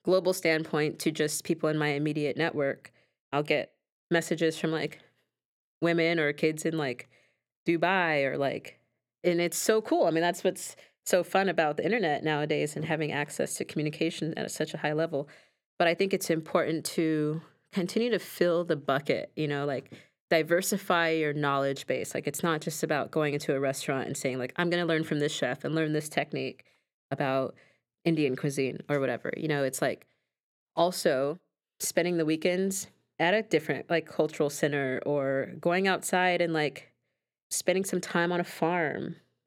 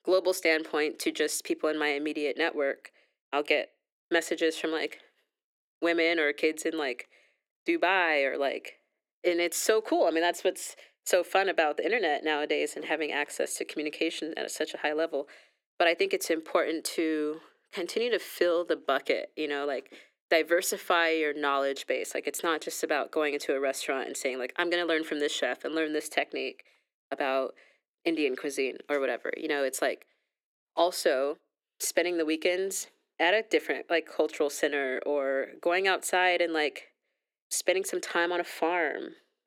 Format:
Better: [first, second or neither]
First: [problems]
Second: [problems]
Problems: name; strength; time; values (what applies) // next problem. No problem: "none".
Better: first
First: none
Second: thin; somewhat; fading below 300 Hz